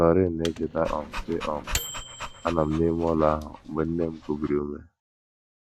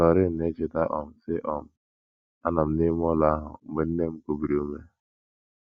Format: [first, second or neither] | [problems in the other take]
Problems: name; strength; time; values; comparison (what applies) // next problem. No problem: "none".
second | background sound (Dog + Microwave oven); 11 dB below the speech